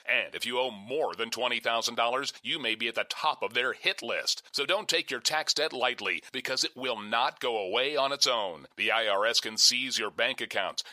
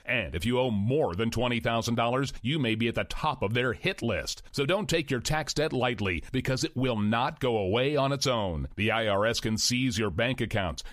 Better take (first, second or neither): second